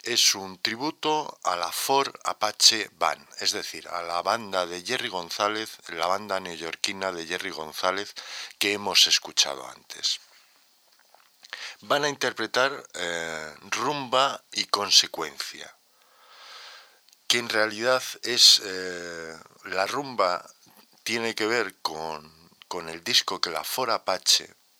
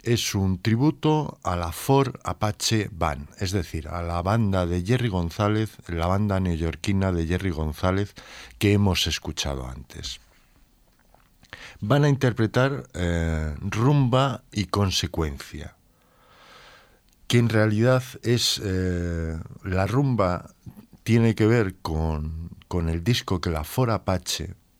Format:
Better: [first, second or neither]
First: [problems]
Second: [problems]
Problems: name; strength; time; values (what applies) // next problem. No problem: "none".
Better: second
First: thin; very; fading below 650 Hz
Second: none